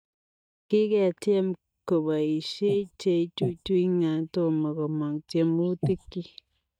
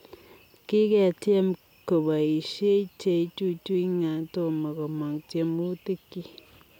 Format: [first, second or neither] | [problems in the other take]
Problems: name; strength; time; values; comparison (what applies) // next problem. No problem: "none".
second | noise reduction (neural mask model DeepFilterNet 3)